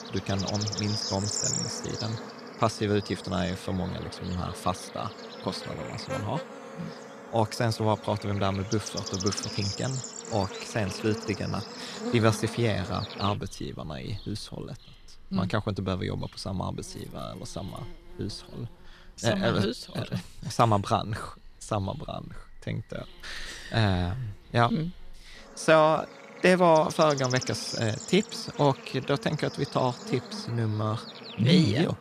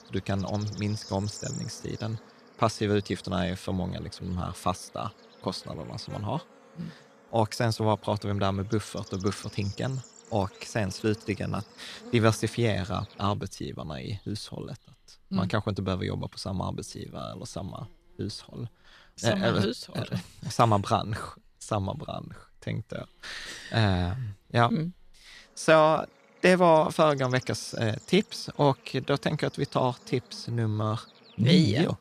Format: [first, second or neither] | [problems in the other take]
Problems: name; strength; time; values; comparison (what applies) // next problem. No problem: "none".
second | animal sounds; loud; throughout; 8 dB below the speech; faint in the second